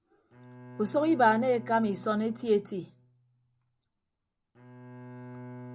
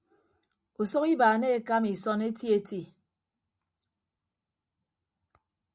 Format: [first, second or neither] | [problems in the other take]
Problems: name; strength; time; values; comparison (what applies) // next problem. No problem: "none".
second | background sound (Bowed string instrument); 16 dB below the speech